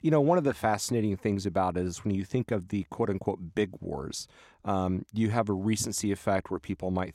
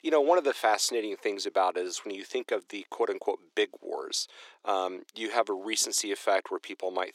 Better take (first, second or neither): first